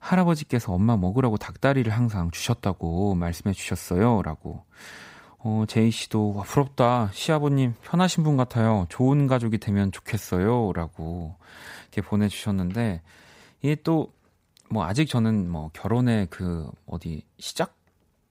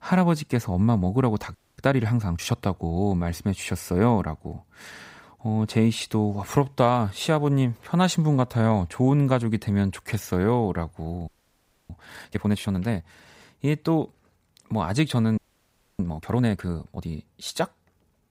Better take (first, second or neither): first